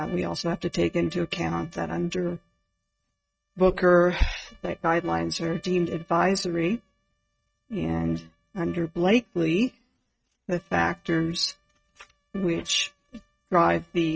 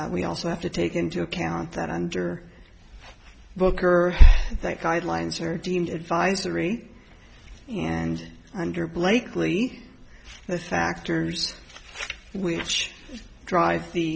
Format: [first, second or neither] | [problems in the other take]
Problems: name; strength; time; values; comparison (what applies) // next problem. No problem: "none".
second | noise reduction (neural mask model RNNoise)